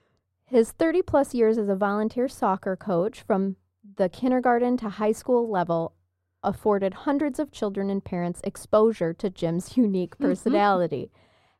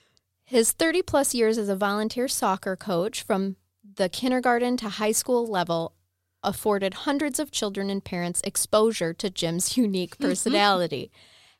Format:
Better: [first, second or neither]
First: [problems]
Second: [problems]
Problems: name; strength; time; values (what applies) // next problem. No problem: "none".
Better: second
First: muffled; very; fading above 2 kHz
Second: none